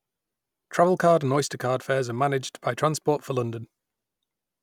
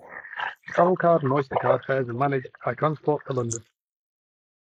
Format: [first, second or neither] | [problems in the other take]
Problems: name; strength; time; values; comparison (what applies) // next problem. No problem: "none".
first | noise reduction (neural mask model Resemble Enhance denoiser)